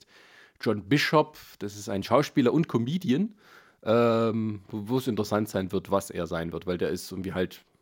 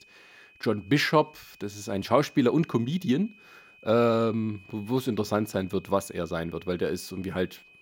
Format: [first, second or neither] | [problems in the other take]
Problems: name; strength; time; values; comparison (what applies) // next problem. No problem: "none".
first | high-pitched whine; faint; throughout; 2.5 kHz, 25 dB below the speech